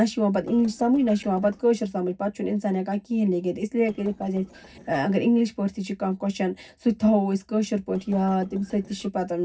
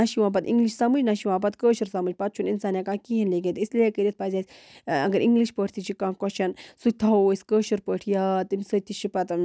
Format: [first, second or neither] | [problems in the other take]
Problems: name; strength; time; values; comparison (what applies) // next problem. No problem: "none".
second | noise reduction (neural separator model SepFormer DNS4)